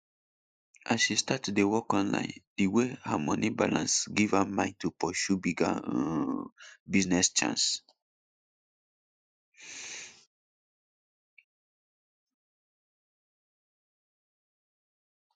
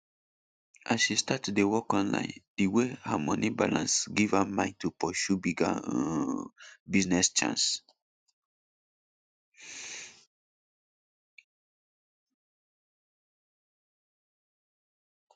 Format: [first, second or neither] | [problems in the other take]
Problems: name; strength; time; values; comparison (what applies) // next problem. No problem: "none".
second | noise reduction (neural mask model Resemble Enhance denoiser)